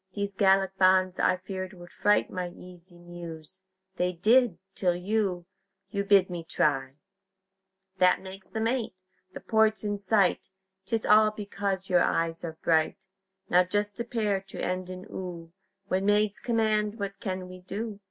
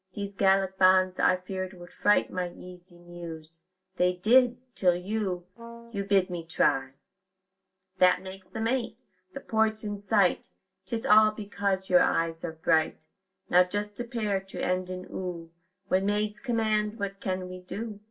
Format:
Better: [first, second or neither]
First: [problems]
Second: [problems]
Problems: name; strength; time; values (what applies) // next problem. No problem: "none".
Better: first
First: none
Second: background sound (Brass instrument); 14 dB below the speech // room echo; dies away in 0.2 s